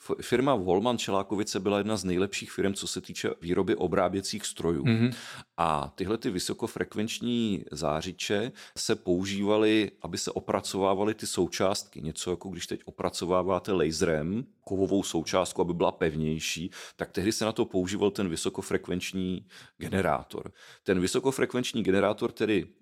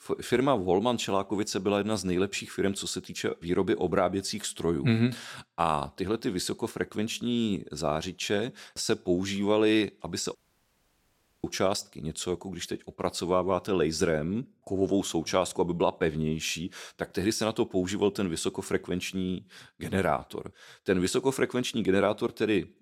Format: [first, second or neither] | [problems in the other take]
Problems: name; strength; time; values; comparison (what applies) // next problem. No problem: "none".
first | audio cutting out; at 10 s for 1 s